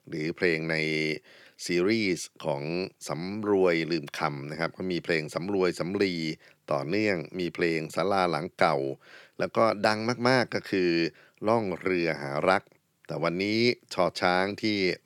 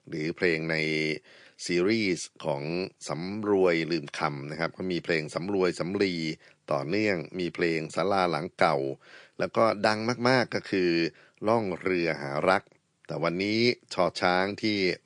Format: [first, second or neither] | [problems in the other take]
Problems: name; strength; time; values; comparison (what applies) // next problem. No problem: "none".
first | garbled, watery; slightly